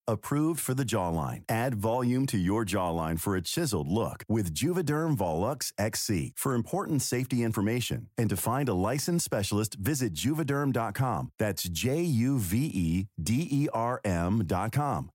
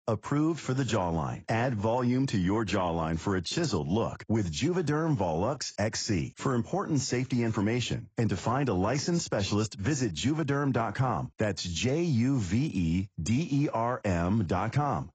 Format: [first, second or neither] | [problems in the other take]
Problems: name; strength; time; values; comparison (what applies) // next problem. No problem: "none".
first | garbled, watery; badly; nothing above 7.5 kHz